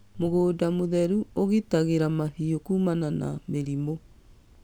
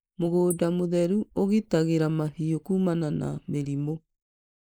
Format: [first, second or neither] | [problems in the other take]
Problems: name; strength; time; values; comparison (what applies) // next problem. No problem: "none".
first | noise reduction (neural mask model Resemble Enhance denoiser)